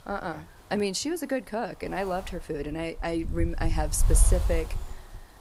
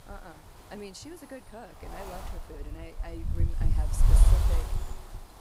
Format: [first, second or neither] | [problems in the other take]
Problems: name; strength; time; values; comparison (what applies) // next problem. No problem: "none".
first | wind noise on the microphone; heavy; 1 dB above the speech; occasional gusts in the first